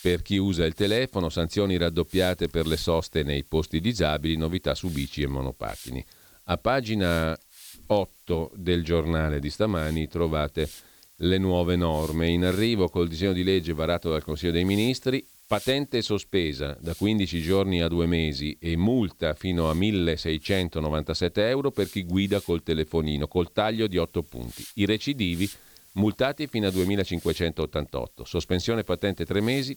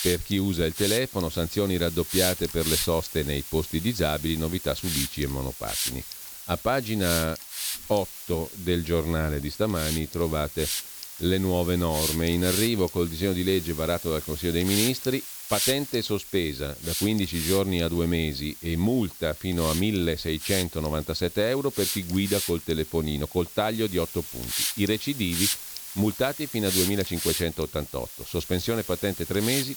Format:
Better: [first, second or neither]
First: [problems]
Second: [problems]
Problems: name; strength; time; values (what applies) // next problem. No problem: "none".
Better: first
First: hiss; faint; throughout; 20 dB below the speech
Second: hiss; loud; throughout; 4 dB below the speech